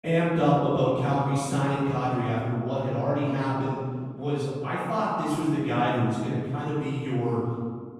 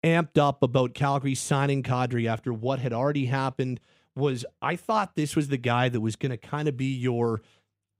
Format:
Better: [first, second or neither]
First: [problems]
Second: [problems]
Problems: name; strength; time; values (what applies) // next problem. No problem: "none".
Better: second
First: room echo; strong; dies away in 1.8 s // off-mic speech; far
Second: none